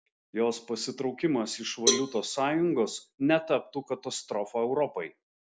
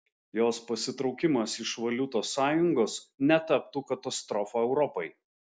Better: second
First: background sound (Cowbell); 4 dB below the speech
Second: none

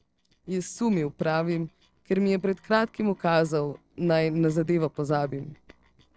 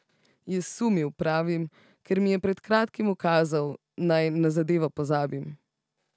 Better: second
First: noise reduction (neural separator model SepFormer DNS4)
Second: none

